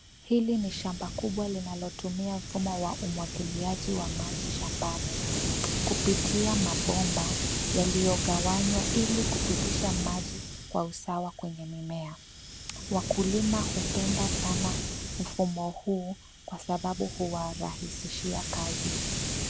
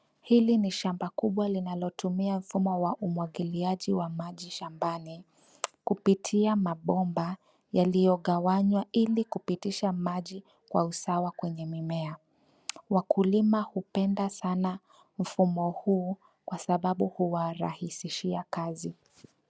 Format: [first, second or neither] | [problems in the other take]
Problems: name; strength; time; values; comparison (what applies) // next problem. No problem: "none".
second | background sound (Hiss); as loud as the speech